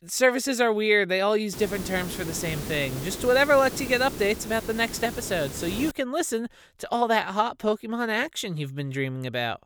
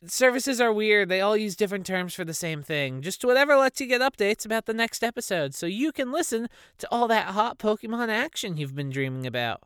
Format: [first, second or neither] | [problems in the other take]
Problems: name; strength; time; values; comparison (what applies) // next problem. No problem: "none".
second | hiss; noticeable; from 1.5 to 6 s; 10 dB below the speech